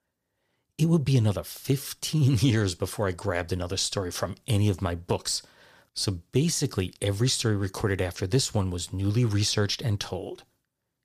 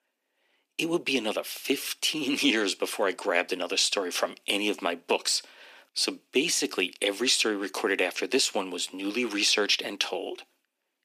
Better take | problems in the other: first | thin; somewhat; fading below 250 Hz

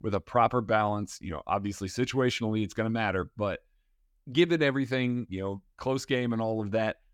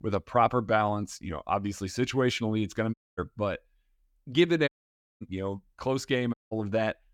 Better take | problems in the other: first | audio cutting out; at 3 s, at 4.5 s for 0.5 s and at 6.5 s

